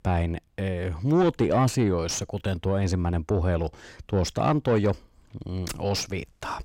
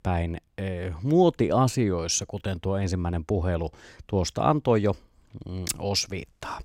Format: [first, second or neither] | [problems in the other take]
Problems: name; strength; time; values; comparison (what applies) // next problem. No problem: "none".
second | distortion; slight; 10 dB below the speech